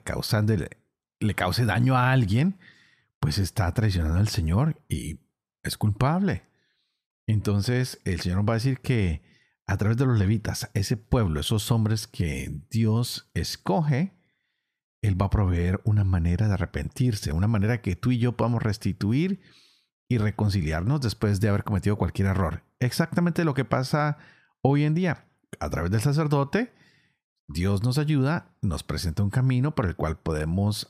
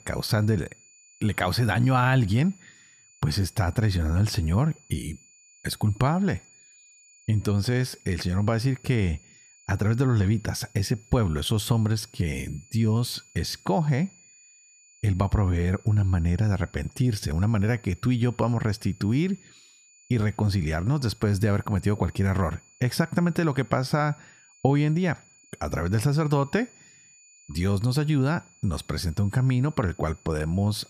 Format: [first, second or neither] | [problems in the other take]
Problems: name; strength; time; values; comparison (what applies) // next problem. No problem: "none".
first | high-pitched whine; faint; throughout; 7 kHz, 30 dB below the speech